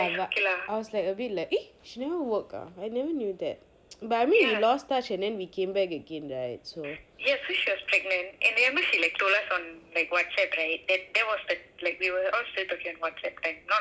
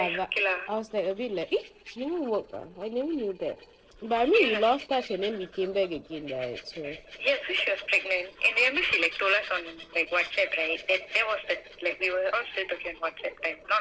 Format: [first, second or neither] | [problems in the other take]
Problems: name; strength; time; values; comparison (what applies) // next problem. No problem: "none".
first | noise reduction (neural separator model SepFormer DNS4)